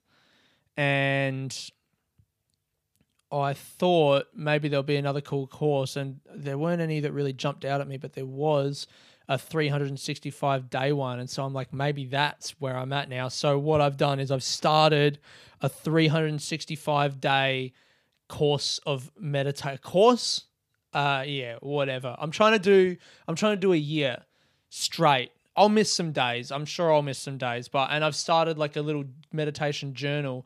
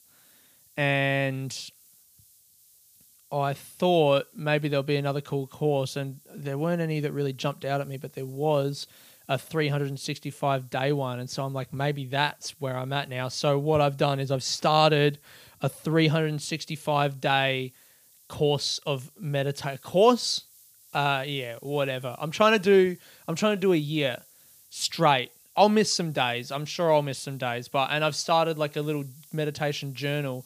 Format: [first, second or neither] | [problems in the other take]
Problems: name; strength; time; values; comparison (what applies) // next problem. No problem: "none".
first | hiss; faint; throughout; 25 dB below the speech